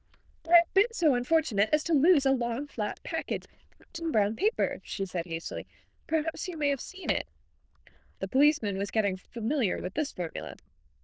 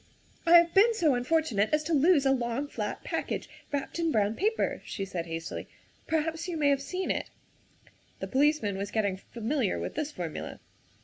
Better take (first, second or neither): second